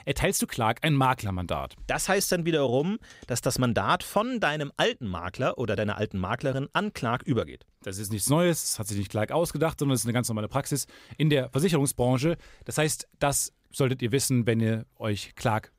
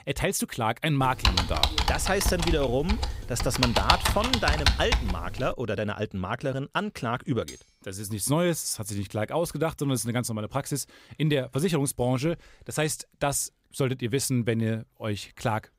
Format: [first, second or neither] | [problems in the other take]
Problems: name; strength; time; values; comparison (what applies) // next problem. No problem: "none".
first | keyboard typing; loud; from 1 to 5.5 s; peak 5 dB above the speech // clattering dishes; faint; at 7.5 s; peak 15 dB below the speech